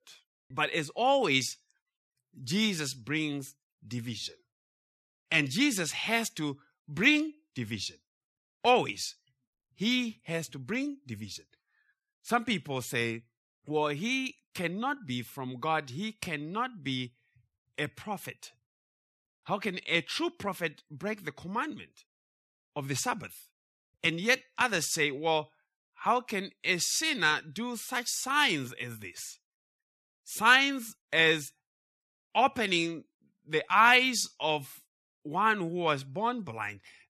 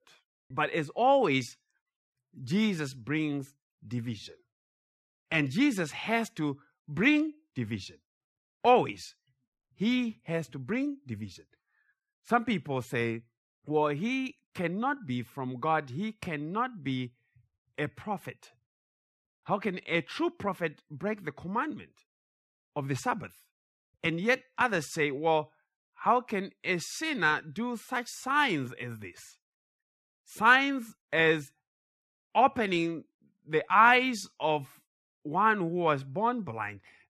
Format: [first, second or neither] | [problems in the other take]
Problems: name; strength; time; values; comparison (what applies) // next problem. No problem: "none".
first | muffled; slightly; fading above 2.5 kHz